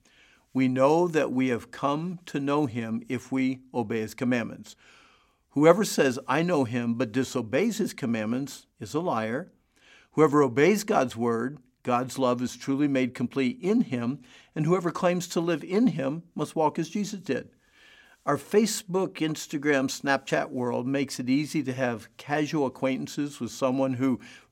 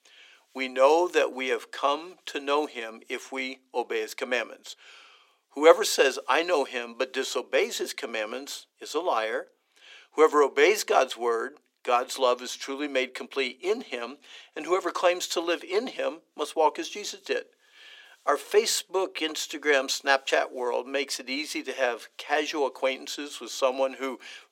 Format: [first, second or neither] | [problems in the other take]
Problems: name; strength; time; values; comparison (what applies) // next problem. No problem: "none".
first | thin; very; fading below 400 Hz